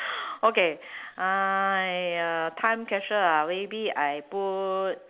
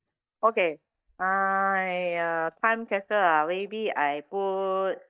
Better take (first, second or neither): first